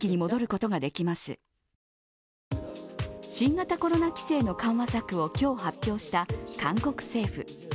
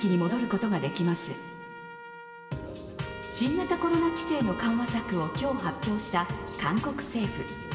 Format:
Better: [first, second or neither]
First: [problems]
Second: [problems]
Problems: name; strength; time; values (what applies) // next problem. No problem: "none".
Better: first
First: none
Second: background sound (Trumpet); 13 dB below the speech // room echo; dies away in 2.8 s